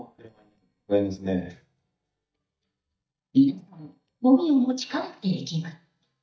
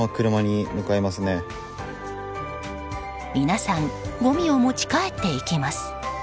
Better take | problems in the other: second | noise reduction (neural mask model DeepFilterNet 3)

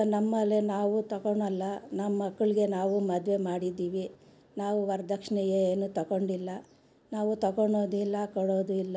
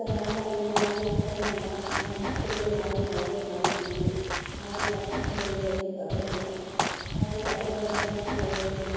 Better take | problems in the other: first | background sound (Walk, footsteps / Bird vocalization, bird call, bird song); as loud as the speech // room echo; dies away in 2.2 s

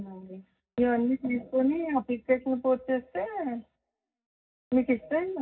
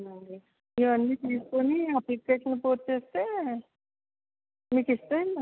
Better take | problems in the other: second | room echo; dies away in 0.4 s

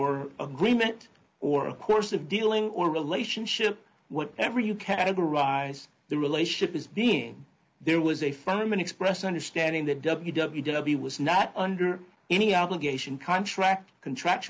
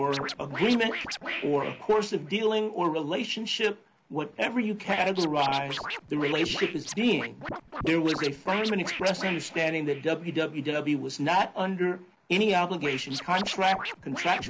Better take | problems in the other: first | background sound (Scratching (performance technique)); 10 dB below the speech

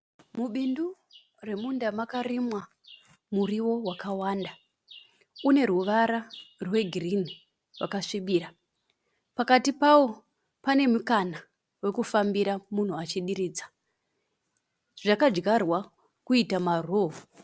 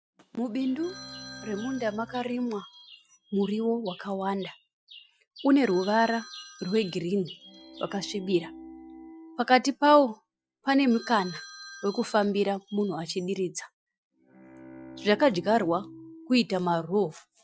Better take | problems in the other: first | noise reduction (classical method Wiener filter)

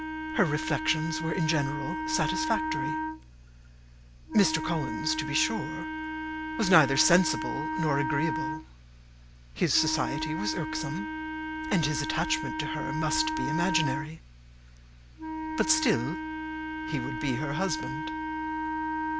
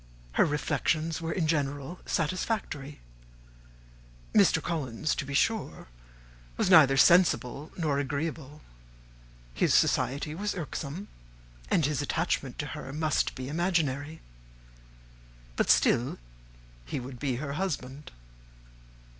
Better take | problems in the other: second | background sound (Wind instrument, woodwind instrument); 3 dB below the speech

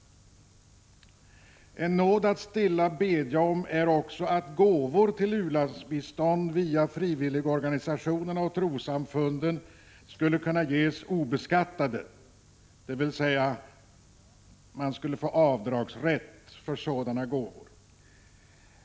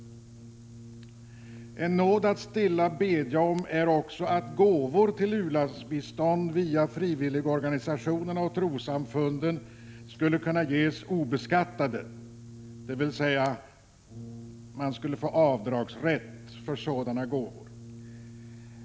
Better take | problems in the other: first | background sound (Brass instrument); 18 dB below the speech

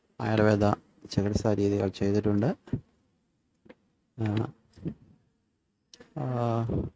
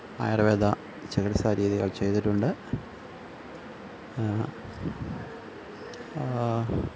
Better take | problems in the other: second | noise reduction (neural mask model RNNoise)

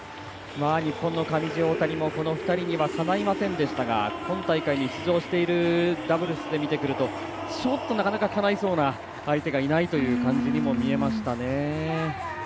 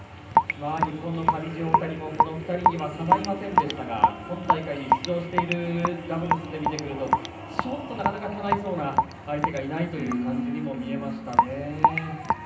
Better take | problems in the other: first | background sound (Raindrop / Drip); 3 dB above the speech // room echo; dies away in 0.6 s

